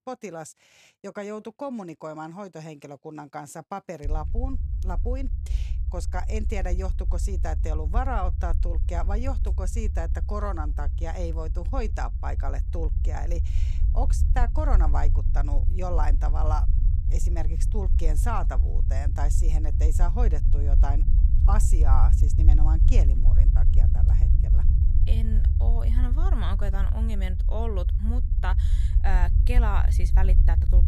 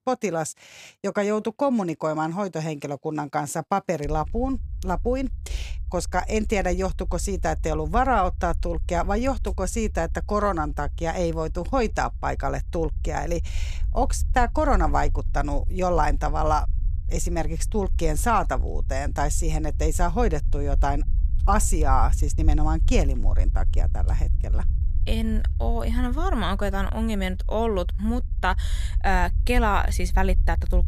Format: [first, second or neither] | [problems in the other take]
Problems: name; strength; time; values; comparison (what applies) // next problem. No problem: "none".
second | low rumble; loud; from 4 s on; 9 dB below the speech; faint in the second